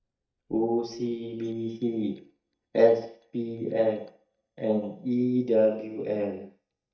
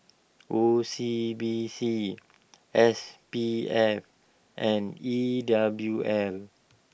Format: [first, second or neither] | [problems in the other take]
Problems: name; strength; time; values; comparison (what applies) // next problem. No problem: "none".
second | noise reduction (neural mask model DeepFilterNet 3)